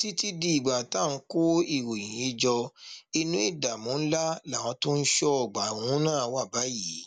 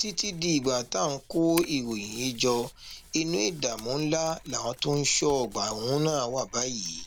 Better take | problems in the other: first | background sound (Hands + Mechanisms); 18 dB below the speech

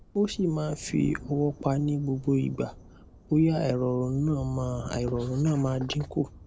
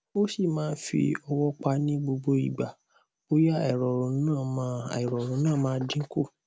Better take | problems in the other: second | background sound (Thunder); 17 dB below the speech

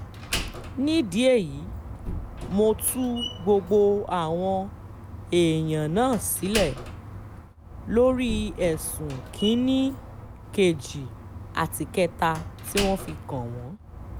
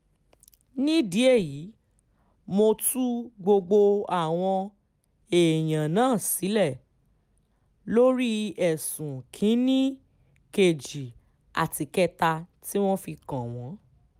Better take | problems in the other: second | background sound (Slam); 10 dB below the speech

